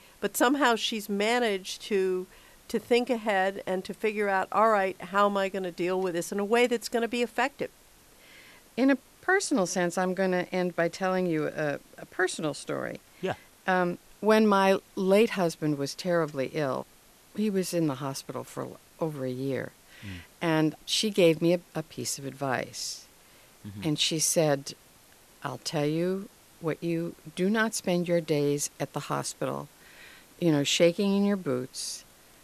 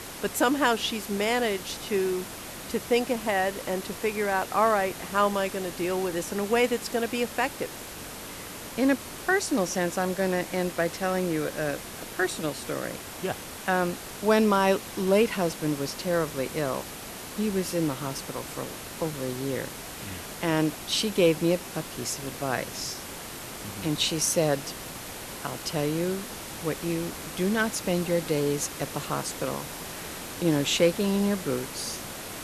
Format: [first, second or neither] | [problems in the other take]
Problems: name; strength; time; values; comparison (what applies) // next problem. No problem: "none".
first | hiss; loud; throughout; 10 dB below the speech; faint in the first